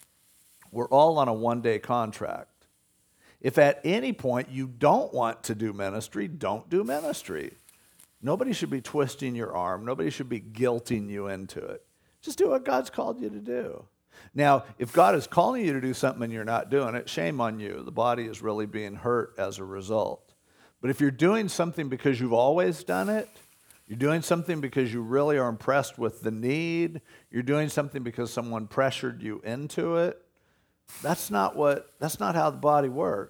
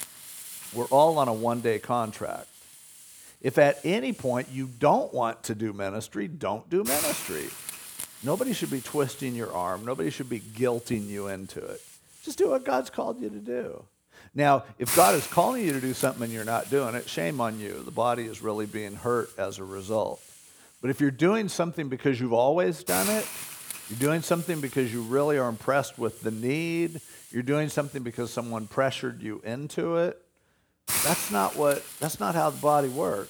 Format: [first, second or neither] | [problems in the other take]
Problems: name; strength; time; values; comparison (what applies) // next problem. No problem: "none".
first | hiss; loud; throughout; 7 dB below the speech; faint in the first